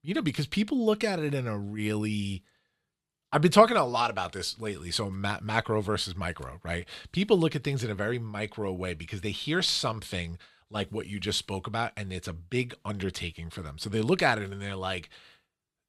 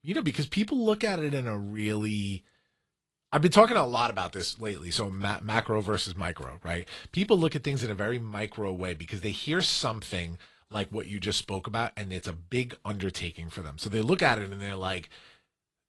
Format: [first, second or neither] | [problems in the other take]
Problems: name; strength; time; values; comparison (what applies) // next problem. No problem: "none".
first | garbled, watery; slightly; nothing above 11.5 kHz